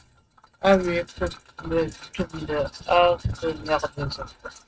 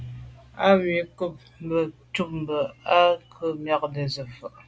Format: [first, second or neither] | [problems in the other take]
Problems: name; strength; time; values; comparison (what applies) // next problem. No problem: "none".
second | noise reduction (neural mask model RNNoise)